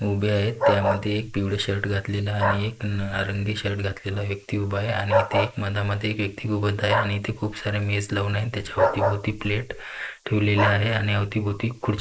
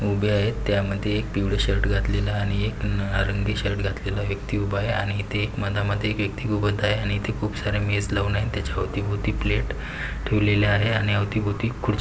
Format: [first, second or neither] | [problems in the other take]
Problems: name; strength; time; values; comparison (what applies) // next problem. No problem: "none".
second | noise reduction (neural mask model Resemble Enhance denoiser)